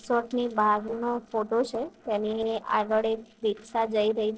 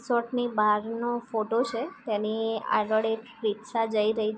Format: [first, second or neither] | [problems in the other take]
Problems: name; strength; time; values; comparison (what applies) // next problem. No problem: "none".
second | noise reduction (neural separator model SepFormer DNS4)